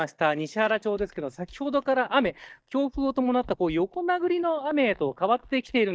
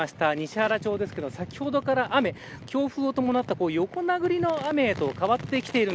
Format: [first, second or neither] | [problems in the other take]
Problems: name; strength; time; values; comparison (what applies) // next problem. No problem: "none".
second | noise reduction (neural mask model DeepFilterNet 3)